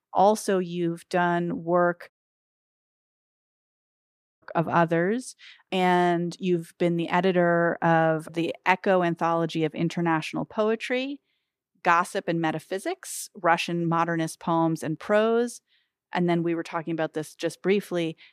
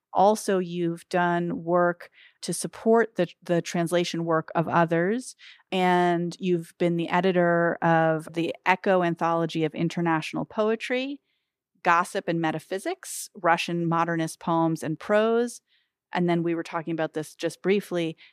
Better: second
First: audio cutting out; at 2 s for 2.5 s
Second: none

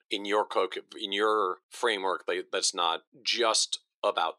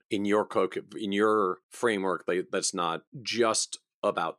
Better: second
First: thin; somewhat; fading below 500 Hz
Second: none

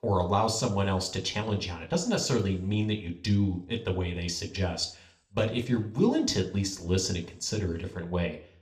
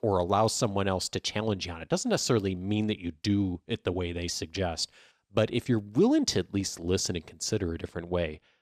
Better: second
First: room echo; very slight; dies away in 0.4 s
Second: none

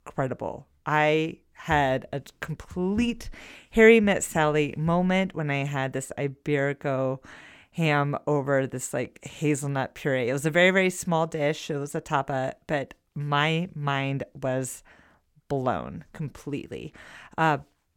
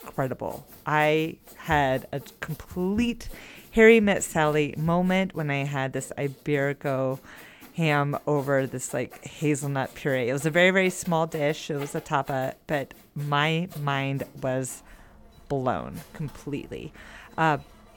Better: first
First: none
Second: machinery noise; faint; throughout; 25 dB below the speech

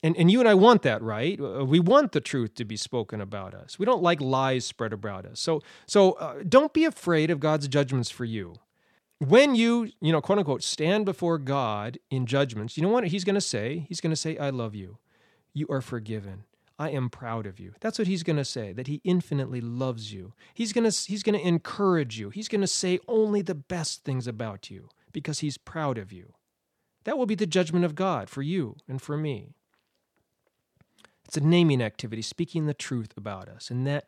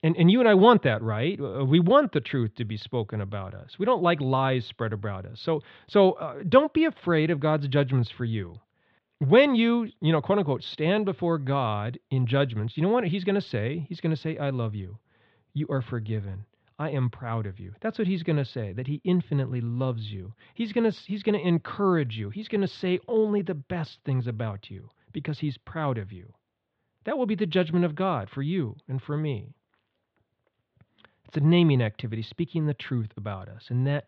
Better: first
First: none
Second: muffled; very; fading above 3.5 kHz

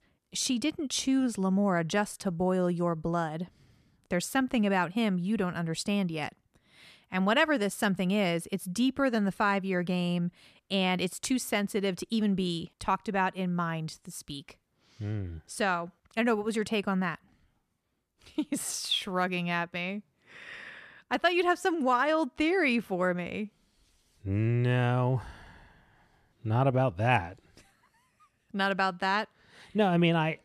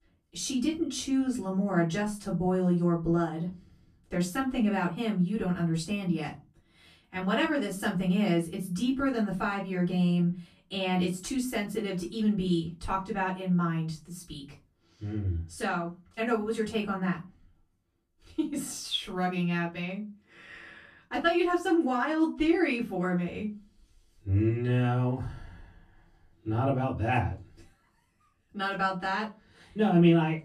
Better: first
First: none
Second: off-mic speech; far // room echo; slight; dies away in 0.3 s

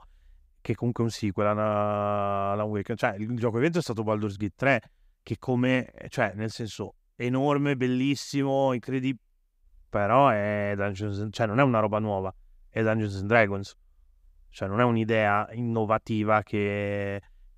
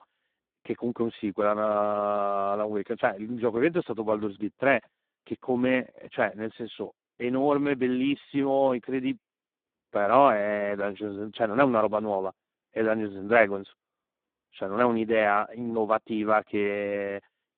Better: first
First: none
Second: phone-call audio; poor line; nothing above 3.5 kHz

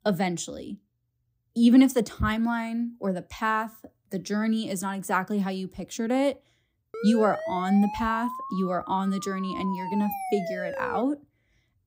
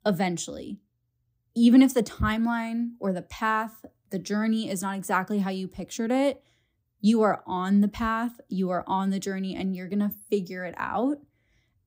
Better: second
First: siren; noticeable; from 7 to 11 s; peak 6 dB below the speech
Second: none

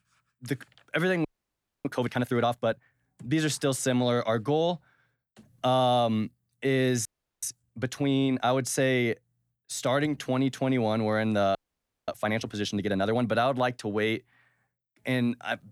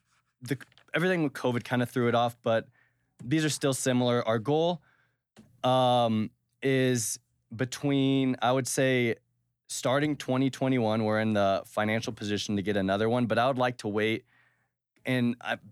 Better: second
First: audio freezing; at 1.5 s for 0.5 s, at 7 s and at 12 s for 0.5 s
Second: none

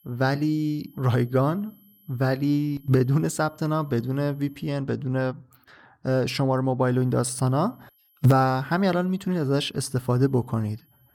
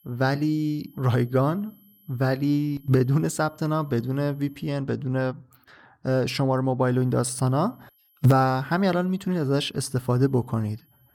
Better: neither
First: high-pitched whine; faint; until 4.5 s and from 7 s on; 12 kHz, 35 dB below the speech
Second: high-pitched whine; faint; until 4.5 s and from 7 s on; 12 kHz, 35 dB below the speech

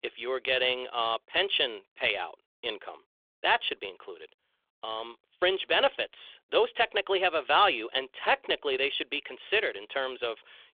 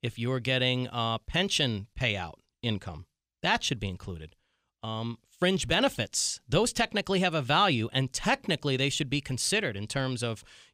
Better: second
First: phone-call audio; nothing above 3.5 kHz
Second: none

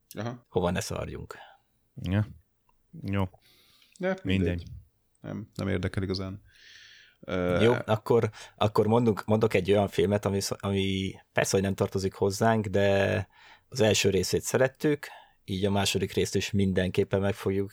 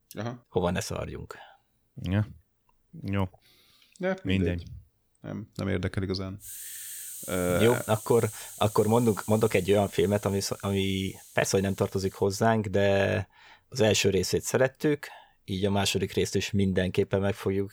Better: first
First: none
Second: hiss; noticeable; from 6.5 to 12 s; 15 dB below the speech

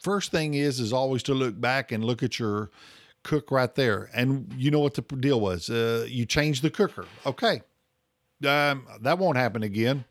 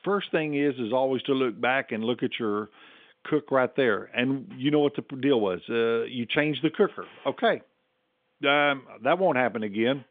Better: first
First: none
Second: phone-call audio; nothing above 3.5 kHz

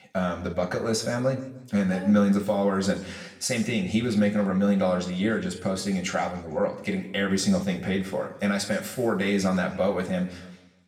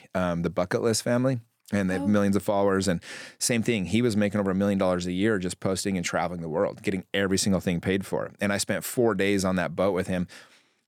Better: second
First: room echo; slight; dies away in 0.9 s // off-mic speech; somewhat distant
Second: none

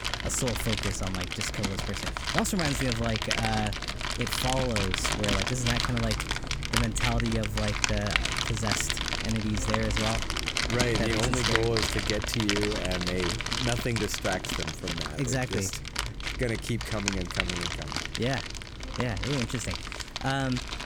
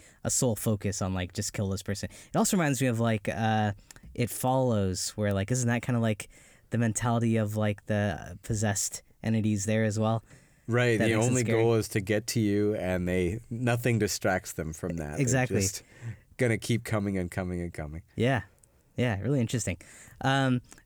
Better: second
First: household noises; very loud; throughout; 1 dB above the speech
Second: none

